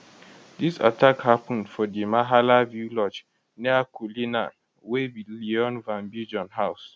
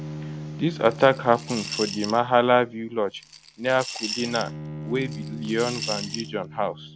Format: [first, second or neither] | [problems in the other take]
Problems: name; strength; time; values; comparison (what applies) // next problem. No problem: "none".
first | background sound (Coin (dropping) / Glass + Bowed string instrument); 10 dB below the speech